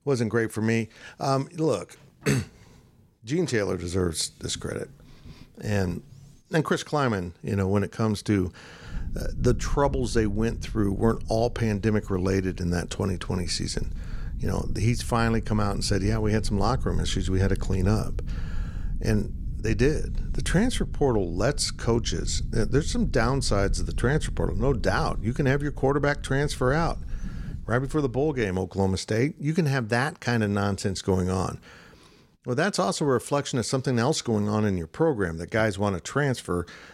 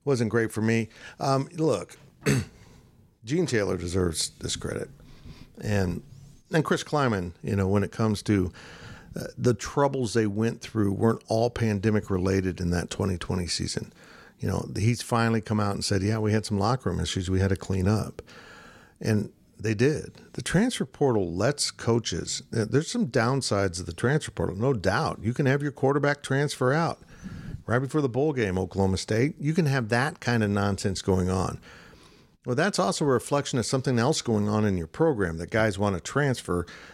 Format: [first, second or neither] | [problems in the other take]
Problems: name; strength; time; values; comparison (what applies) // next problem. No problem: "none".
second | low rumble; faint; from 9 to 28 s; 25 dB below the speech